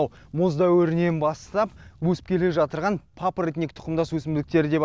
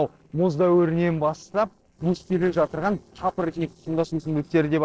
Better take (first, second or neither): first